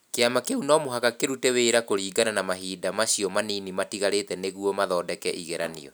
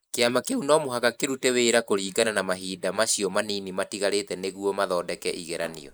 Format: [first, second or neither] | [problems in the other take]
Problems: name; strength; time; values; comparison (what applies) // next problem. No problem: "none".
first | noise reduction (neural mask model Resemble Enhance denoiser)